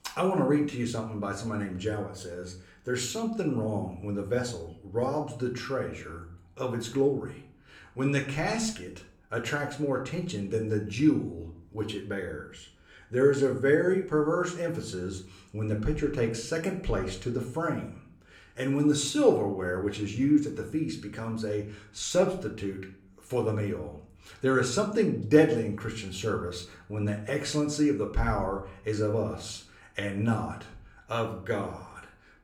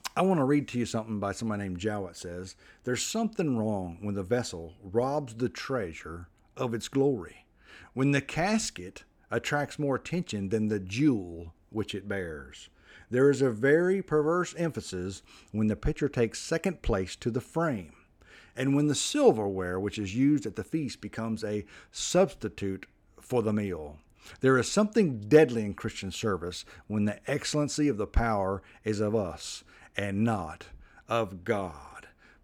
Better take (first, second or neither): second